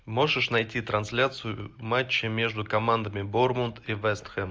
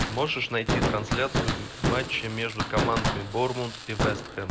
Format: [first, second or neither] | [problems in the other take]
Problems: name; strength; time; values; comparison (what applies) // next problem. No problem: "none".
first | background sound (Fireworks); 1 dB above the speech